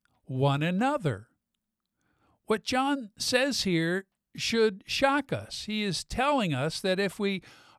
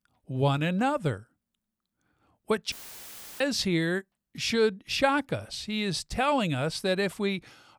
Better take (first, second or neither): first